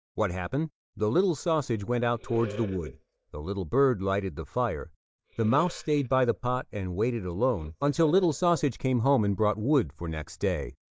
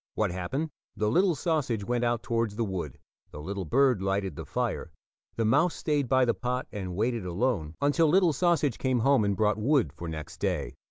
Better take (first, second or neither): second